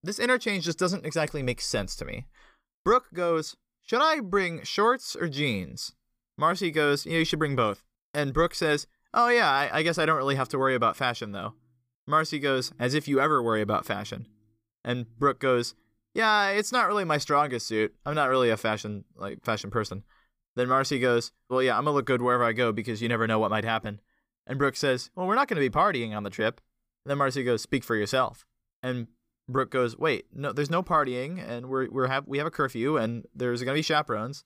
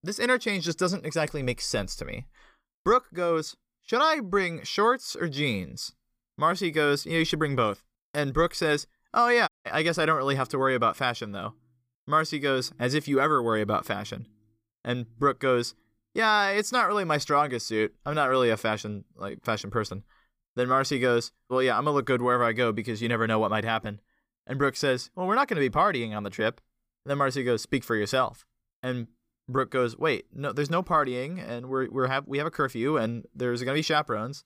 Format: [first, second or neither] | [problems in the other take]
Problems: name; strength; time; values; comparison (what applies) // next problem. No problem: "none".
first | audio cutting out; at 9.5 s